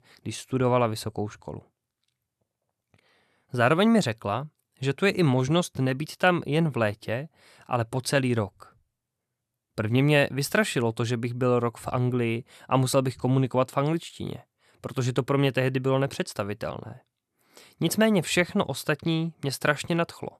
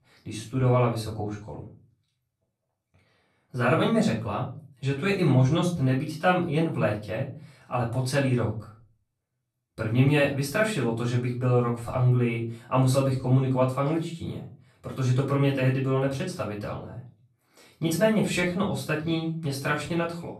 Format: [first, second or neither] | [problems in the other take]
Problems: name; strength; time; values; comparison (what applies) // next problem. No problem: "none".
first | off-mic speech; far // room echo; slight; dies away in 0.4 s